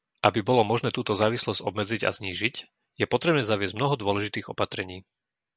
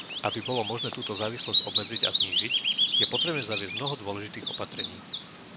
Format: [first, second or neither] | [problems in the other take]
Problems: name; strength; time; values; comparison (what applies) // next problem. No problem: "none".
first | background sound (Bird vocalization, bird call, bird song); 5 dB above the speech